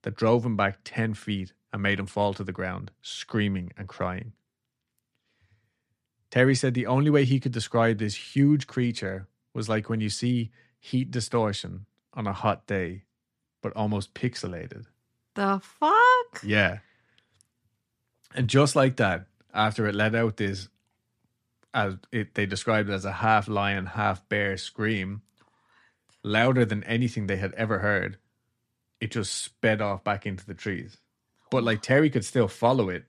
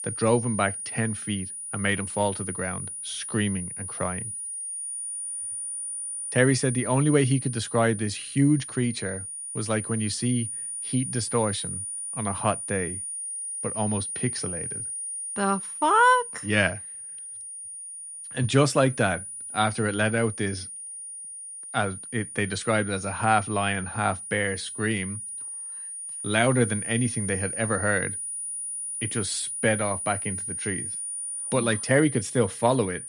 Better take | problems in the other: first | high-pitched whine; loud; throughout; 9.5 kHz, 6 dB below the speech

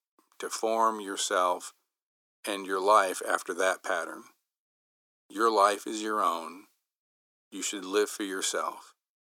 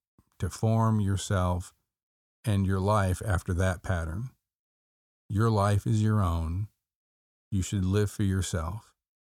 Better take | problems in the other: second | thin; very; fading below 300 Hz

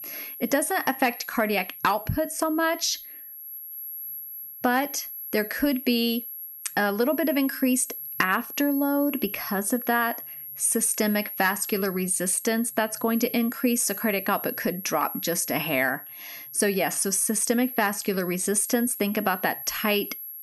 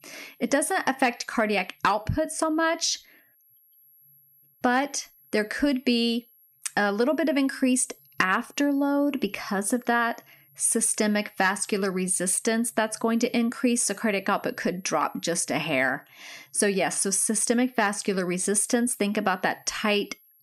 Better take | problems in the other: second | high-pitched whine; loud; throughout; 11.5 kHz, 10 dB below the speech; faint in the second

